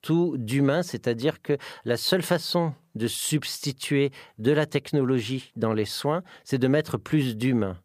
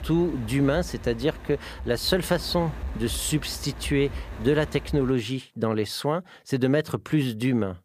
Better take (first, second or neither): first